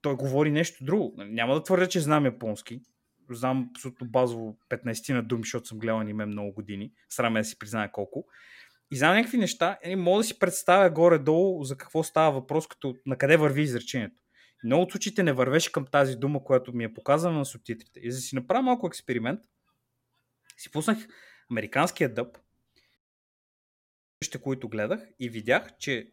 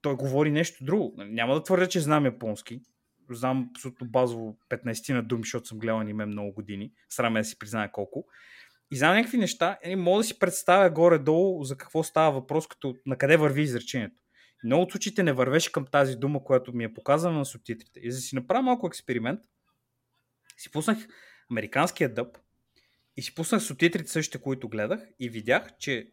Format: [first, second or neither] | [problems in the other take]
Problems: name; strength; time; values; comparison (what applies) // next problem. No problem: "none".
second | audio cutting out; at 23 s for 1.5 s